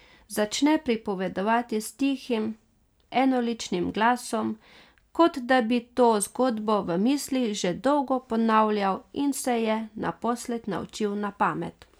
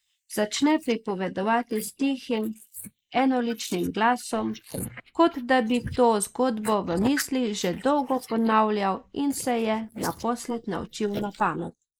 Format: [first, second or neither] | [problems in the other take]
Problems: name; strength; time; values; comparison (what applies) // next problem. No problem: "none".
first | noise reduction (neural mask model Resemble Enhance denoiser)